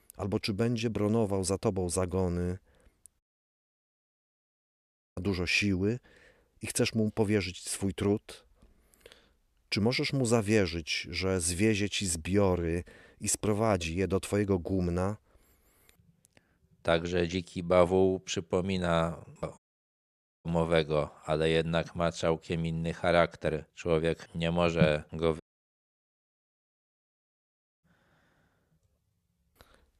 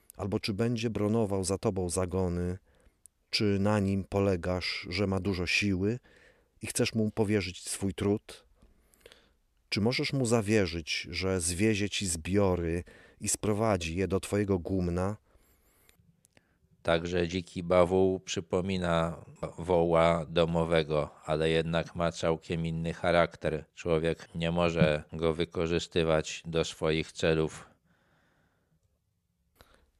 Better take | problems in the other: second | audio cutting out; at 3 s for 2 s, at 20 s for 1 s and at 25 s for 2.5 s

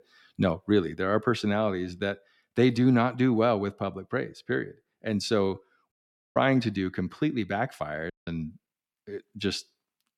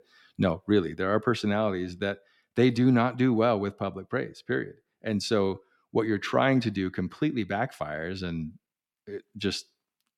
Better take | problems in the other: second | audio cutting out; at 6 s and at 8 s

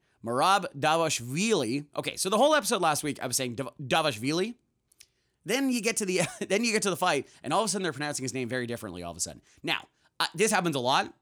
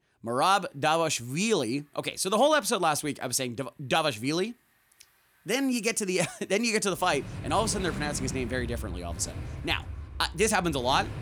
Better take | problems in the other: first | traffic noise; noticeable; throughout; 10 dB below the speech

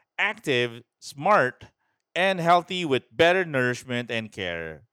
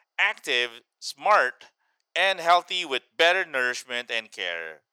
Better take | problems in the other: first | thin; very; fading below 650 Hz

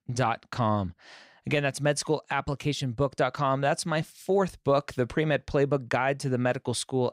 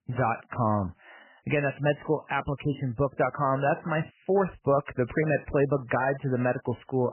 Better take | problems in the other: first | garbled, watery; badly; nothing above 3 kHz

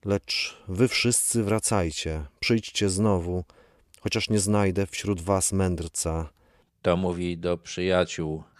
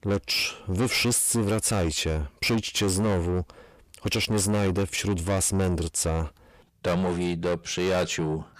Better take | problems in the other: first | distortion; heavy; 7 dB below the speech

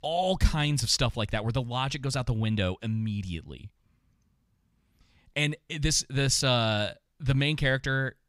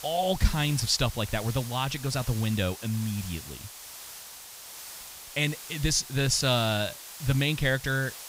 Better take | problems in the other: first | hiss; noticeable; throughout; 15 dB below the speech

